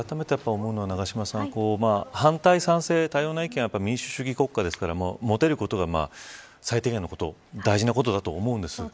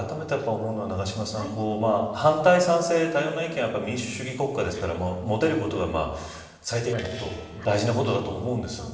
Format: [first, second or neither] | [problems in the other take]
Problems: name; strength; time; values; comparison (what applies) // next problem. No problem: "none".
first | noise reduction (neural separator model SepFormer DNS4)